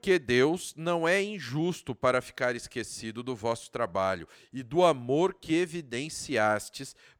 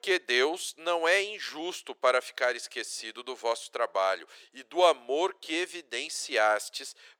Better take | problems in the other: first | thin; very; fading below 400 Hz

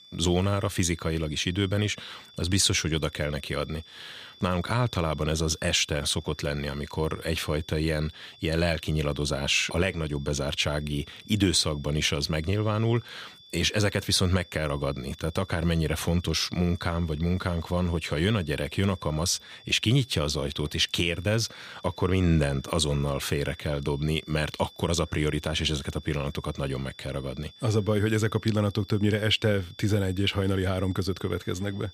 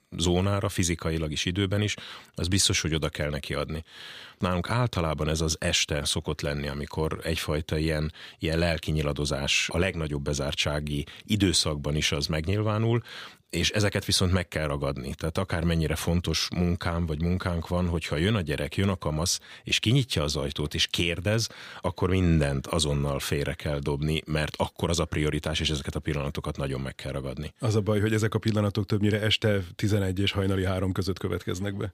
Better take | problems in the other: second | high-pitched whine; faint; throughout; 3.5 kHz, 20 dB below the speech

